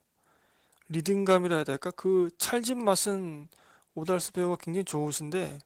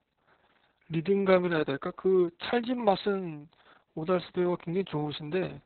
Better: first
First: garbled, watery; slightly; nothing above 16.5 kHz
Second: garbled, watery; badly; nothing above 4 kHz

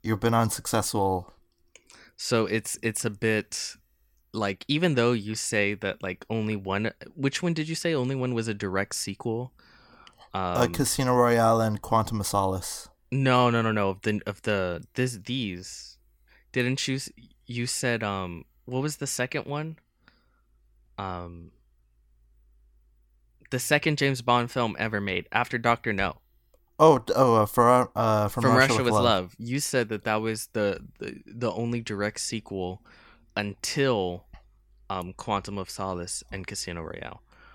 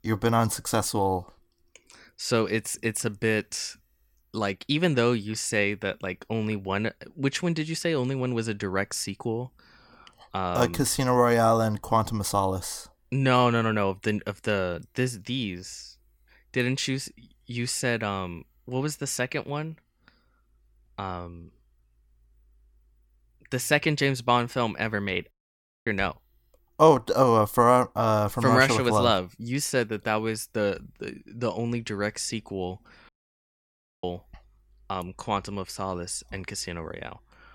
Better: first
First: none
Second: audio cutting out; at 25 s for 0.5 s and at 33 s for 1 s

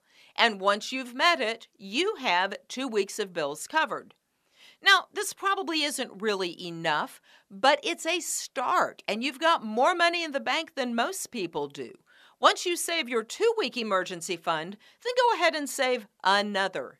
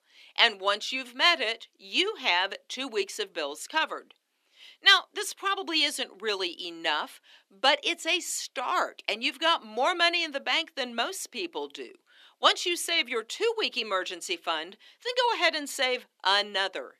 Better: first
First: none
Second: thin; very slightly; fading below 300 Hz

